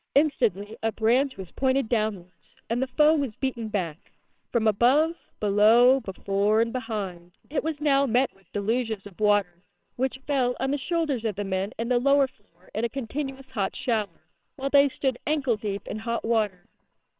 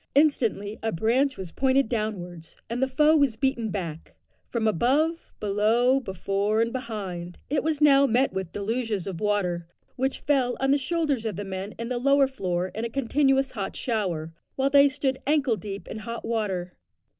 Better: second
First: noise reduction (neural separator model SepFormer WHAMR!)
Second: none

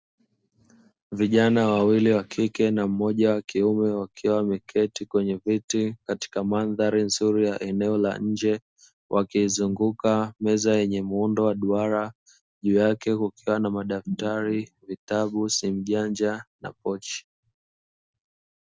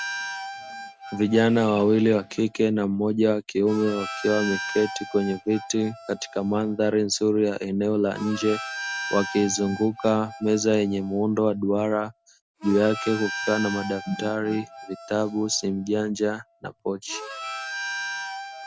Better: first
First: none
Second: background sound (Harmonica); 12 dB below the speech

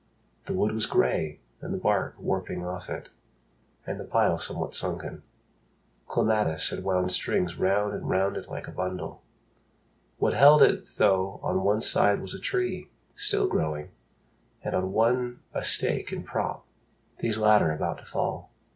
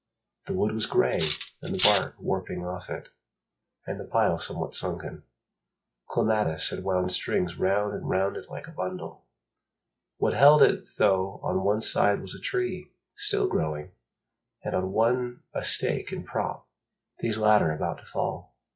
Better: first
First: none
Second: noise reduction (classical method log-MMSE)

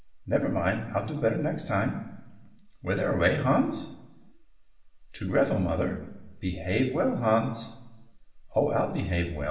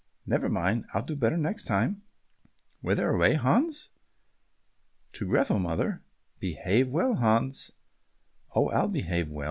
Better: second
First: room echo; dies away in 1 s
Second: none

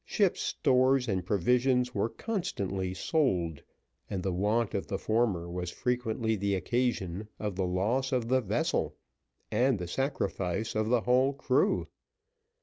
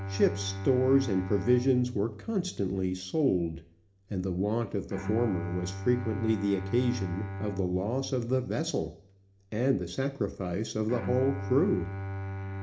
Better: first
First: none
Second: background sound (Bowed string instrument); 9 dB below the speech // room echo; dies away in 0.4 s

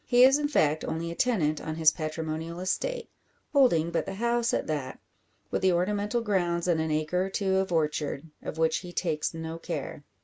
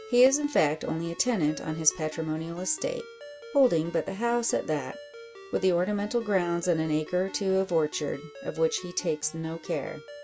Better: first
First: none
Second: background sound (Ringtone); 18 dB below the speech

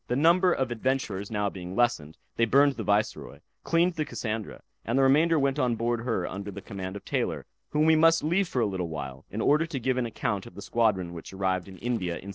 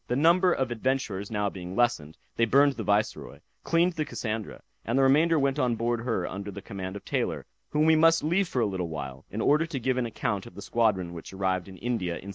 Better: second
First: noise reduction (neural separator model SepFormer DNS4)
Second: none

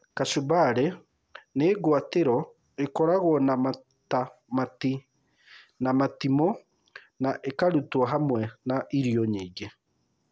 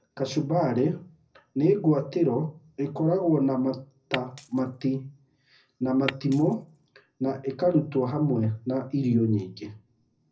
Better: first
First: none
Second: background sound (Glass); 13 dB below the speech // room echo; dies away in 0.4 s

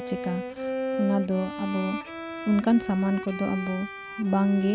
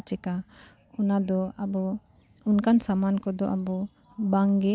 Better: second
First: background sound (Bowed string instrument); 7 dB below the speech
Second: none

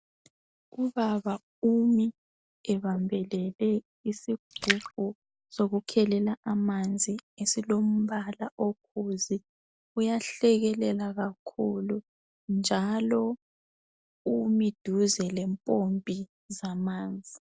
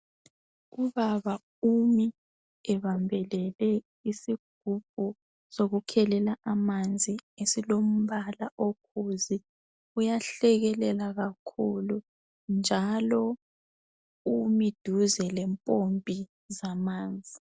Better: second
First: background sound (Splash, splatter); 8 dB below the speech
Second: none

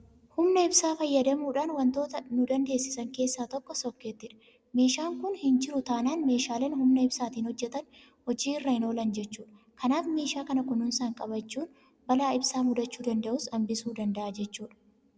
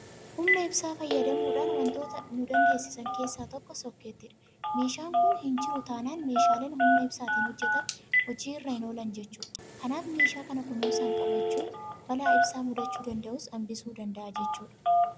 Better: first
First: none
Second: background sound (Telephone); 5 dB above the speech

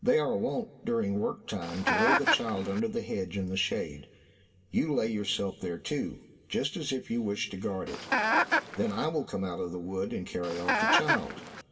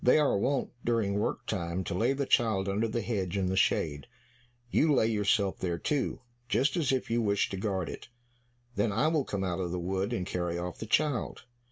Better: second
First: background sound (Chicken, rooster); 3 dB above the speech // room echo; dies away in 1.1 s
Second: none

